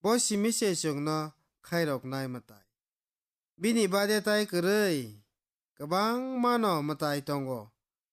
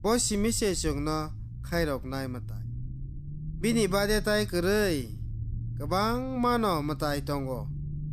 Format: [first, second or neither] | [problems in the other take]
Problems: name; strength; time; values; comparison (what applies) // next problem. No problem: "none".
first | low rumble; faint; throughout; 25 dB below the speech